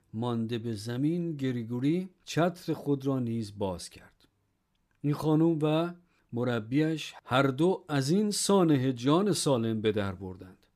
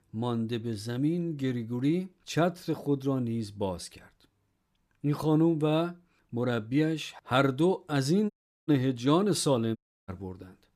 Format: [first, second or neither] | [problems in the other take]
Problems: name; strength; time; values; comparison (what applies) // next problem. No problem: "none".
first | audio cutting out; at 8.5 s and at 10 s